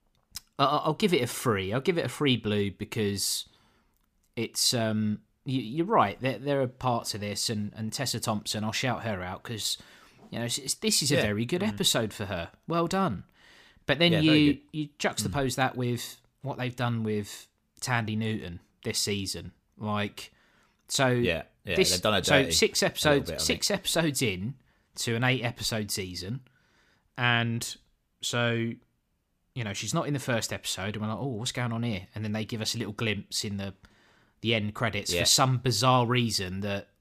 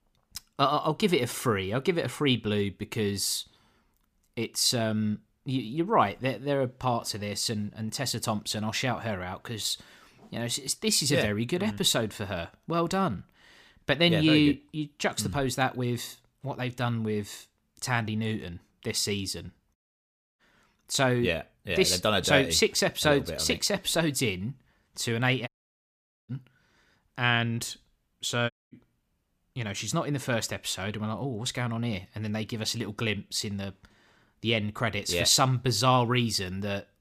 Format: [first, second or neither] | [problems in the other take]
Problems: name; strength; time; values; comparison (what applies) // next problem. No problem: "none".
first | audio cutting out; at 20 s for 0.5 s, at 25 s for 1 s and at 29 s